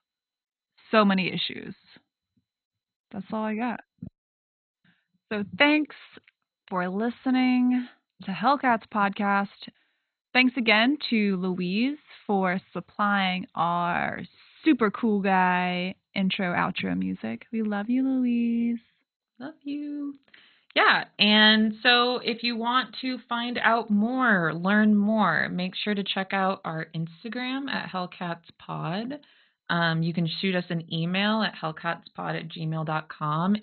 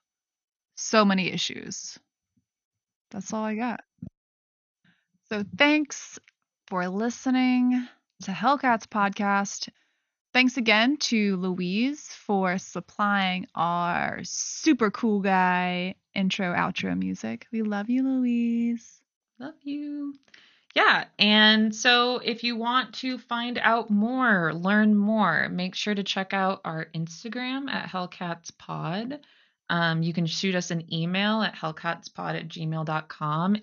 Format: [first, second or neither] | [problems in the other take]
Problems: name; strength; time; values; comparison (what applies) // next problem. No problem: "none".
second | garbled, watery; badly; nothing above 4 kHz; slightly in the second